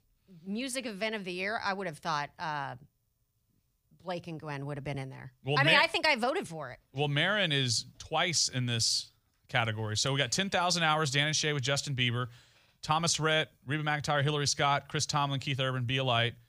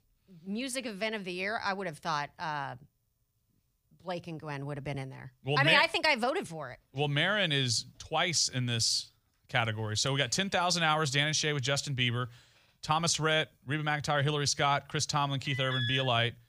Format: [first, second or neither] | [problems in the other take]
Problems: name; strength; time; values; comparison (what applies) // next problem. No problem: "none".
first | alarm; noticeable; at 15 s; peak 3 dB below the speech